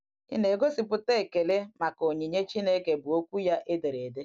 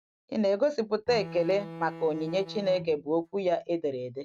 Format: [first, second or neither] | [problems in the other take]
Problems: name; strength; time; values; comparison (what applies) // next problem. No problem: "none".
first | noise reduction (neural mask model RNNoise)